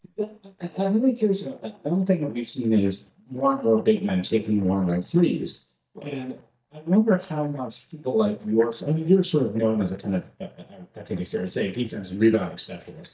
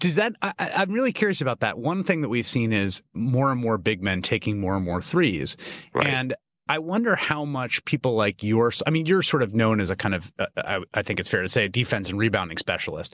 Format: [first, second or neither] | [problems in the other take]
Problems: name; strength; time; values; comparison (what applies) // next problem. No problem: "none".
second | noise reduction (neural mask model DeepFilterNet 3)